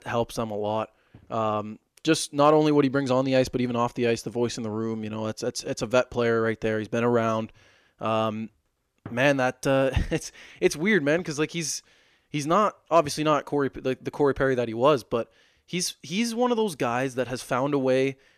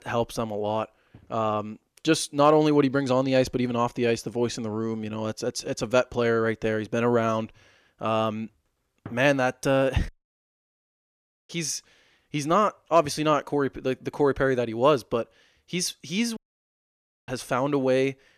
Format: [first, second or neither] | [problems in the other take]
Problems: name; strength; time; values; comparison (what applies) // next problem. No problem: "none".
first | audio cutting out; at 10 s for 1.5 s and at 16 s for 1 s